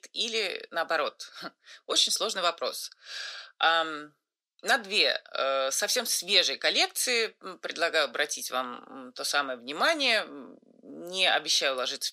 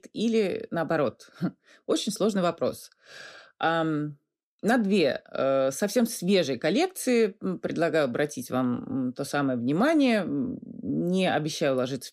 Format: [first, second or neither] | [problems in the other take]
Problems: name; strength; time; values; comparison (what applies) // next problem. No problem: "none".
second | thin; very; fading below 850 Hz